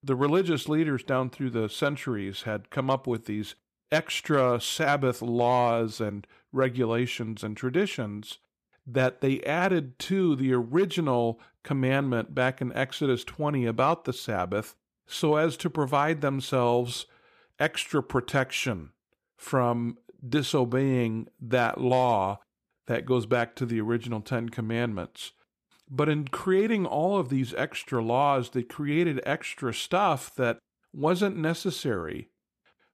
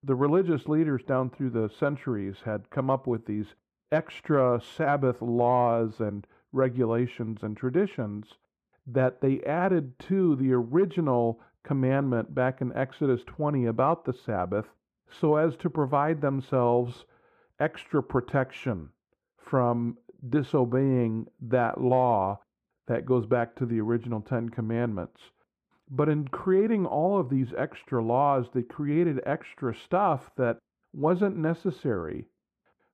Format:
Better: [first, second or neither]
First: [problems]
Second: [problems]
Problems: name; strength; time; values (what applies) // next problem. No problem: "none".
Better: first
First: none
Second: muffled; very; fading above 2.5 kHz